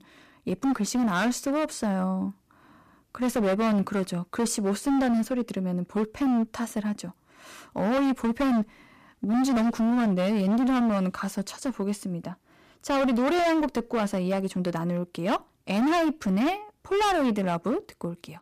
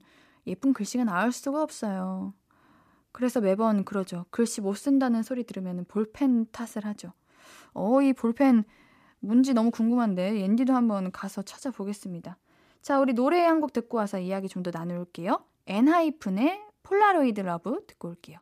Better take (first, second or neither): second